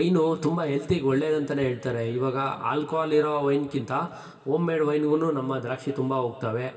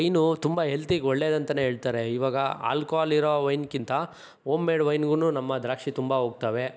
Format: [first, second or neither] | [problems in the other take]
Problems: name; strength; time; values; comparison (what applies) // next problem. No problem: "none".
second | room echo; dies away in 2 s